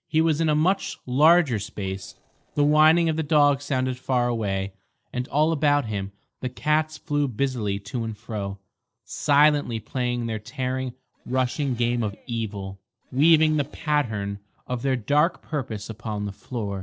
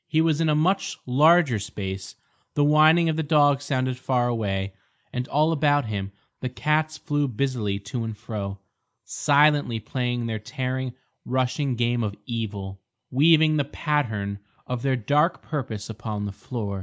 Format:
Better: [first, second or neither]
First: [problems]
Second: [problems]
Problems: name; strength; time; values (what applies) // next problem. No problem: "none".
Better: second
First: noise reduction (neural separator model SepFormer DNS4)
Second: none